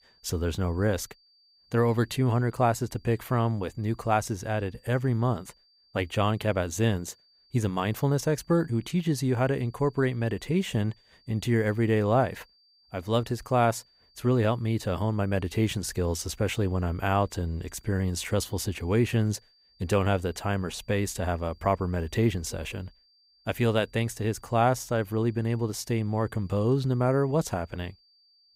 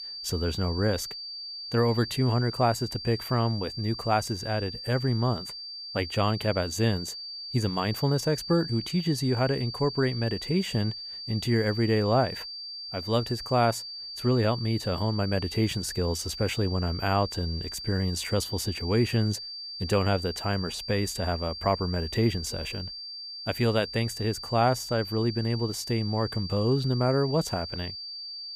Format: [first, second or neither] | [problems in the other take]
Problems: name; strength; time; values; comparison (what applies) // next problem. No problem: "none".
first | high-pitched whine; loud; throughout; 4.5 kHz, 8 dB below the speech; faint in the first